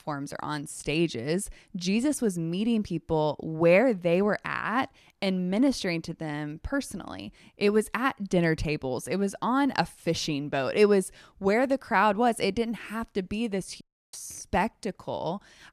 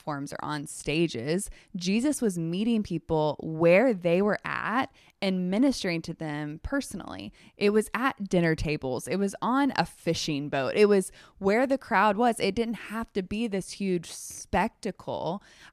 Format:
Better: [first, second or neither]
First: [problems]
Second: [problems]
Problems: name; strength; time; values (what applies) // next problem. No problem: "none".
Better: second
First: audio cutting out; at 14 s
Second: none